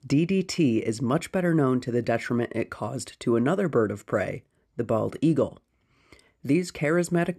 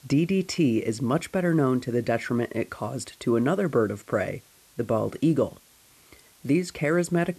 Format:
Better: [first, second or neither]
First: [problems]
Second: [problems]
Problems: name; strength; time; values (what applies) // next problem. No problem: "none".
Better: first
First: none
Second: hiss; faint; throughout; 30 dB below the speech